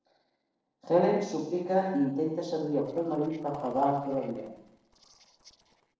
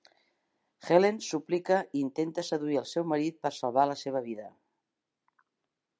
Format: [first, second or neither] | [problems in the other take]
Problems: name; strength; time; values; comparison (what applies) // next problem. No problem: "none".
second | noise reduction (neural separator model SepFormer DNS4)